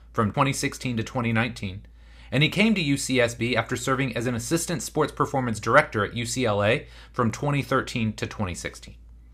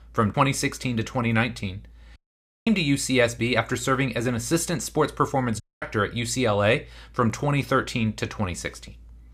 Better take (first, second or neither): first